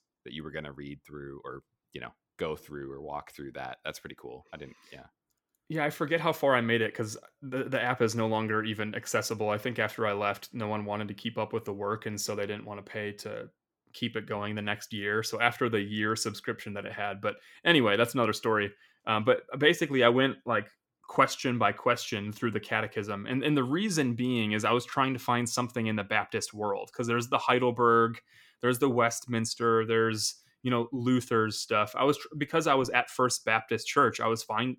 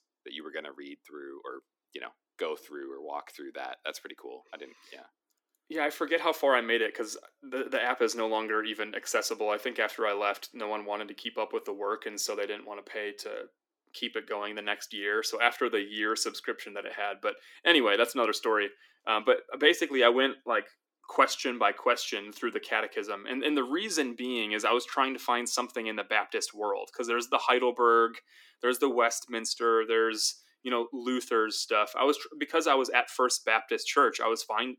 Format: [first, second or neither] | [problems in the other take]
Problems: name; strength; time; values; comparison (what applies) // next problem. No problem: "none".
first | thin; somewhat; fading below 300 Hz